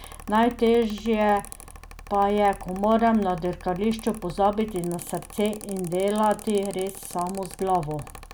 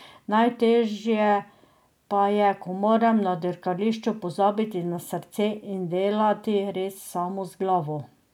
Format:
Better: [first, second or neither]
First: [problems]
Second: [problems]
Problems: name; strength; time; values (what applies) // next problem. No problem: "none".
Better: second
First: background sound (Mechanical fan); 17 dB below the speech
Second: none